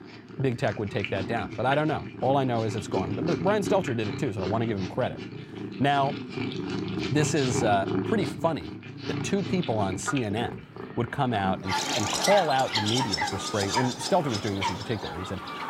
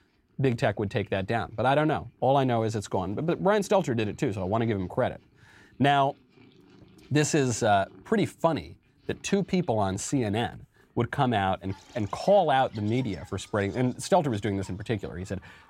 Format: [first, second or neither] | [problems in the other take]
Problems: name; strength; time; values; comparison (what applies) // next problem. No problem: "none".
second | animal sounds; loud; throughout; 3 dB below the speech; faint in the second